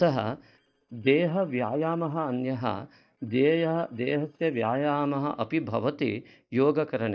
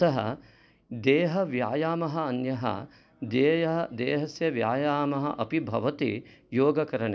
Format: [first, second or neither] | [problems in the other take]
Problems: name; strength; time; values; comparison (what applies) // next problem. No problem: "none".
second | noise reduction (neural mask model DeepFilterNet 3)